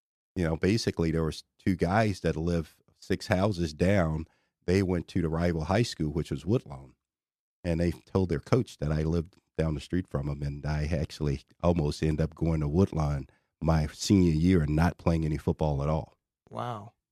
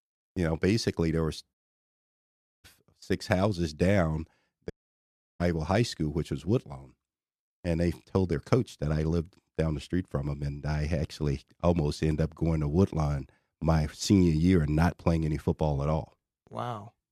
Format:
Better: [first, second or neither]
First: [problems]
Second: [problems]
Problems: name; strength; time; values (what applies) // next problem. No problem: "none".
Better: first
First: none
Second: audio cutting out; at 1.5 s for 1 s and at 4.5 s for 0.5 s